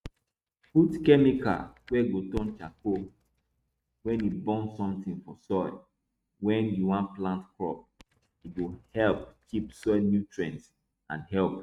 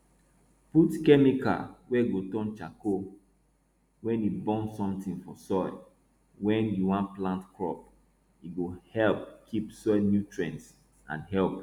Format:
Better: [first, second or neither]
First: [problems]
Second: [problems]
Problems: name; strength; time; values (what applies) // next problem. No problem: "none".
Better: second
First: noise reduction (neural mask model RNNoise)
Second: none